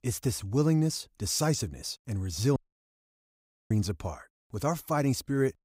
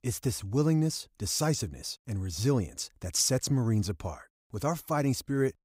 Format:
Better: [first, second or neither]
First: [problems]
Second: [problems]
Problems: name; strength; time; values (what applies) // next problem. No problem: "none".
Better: second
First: audio cutting out; at 2.5 s for 1 s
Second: none